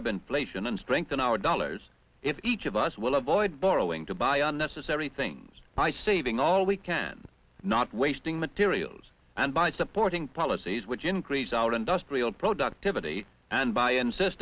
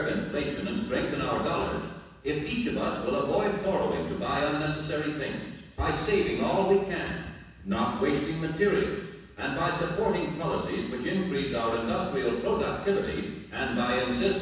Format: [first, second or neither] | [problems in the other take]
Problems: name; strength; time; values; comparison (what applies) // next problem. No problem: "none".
first | room echo; dies away in 1.1 s